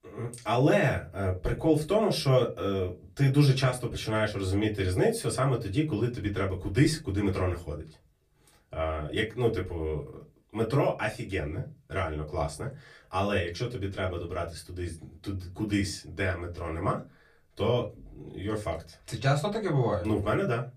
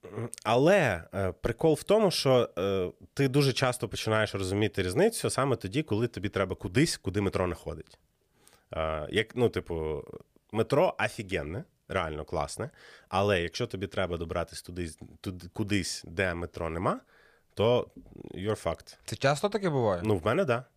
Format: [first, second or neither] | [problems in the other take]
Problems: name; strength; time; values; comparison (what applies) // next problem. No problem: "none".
second | off-mic speech; far // room echo; very slight; dies away in 0.2 s